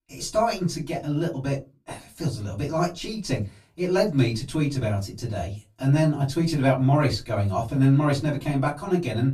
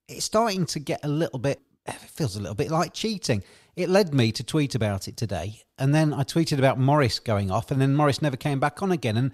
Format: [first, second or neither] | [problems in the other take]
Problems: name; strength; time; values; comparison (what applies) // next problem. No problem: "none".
second | off-mic speech; far // room echo; very slight; dies away in 0.2 s